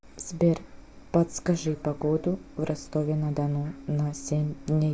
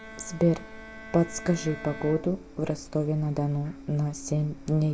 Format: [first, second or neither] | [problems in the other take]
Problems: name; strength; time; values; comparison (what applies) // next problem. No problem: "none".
first | background sound (Bowed string instrument); 19 dB below the speech